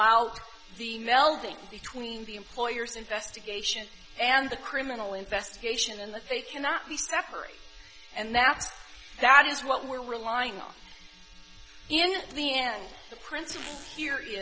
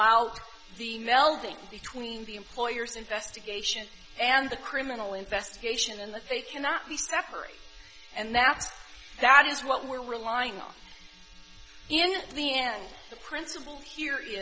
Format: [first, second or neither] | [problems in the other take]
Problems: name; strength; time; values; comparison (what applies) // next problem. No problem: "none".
second | background sound (Zipper (clothing)); 15 dB below the speech